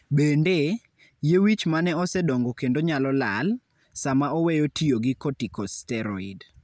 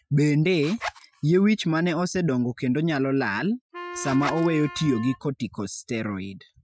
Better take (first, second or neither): first